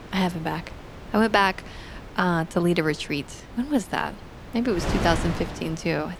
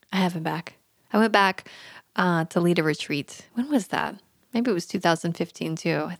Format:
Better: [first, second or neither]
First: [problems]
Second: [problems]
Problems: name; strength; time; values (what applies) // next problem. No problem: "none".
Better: second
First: wind noise on the microphone; occasional gusts; 10 dB below the speech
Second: none